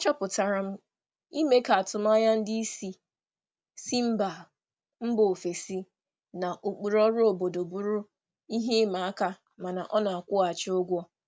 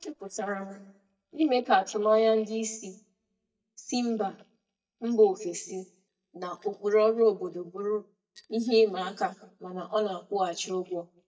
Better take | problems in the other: first | noise reduction (neural mask model DeepFilterNet 3)

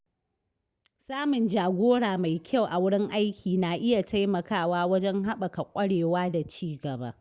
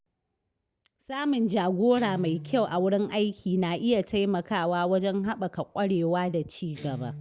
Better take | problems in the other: first | background sound (Guitar); 20 dB below the speech

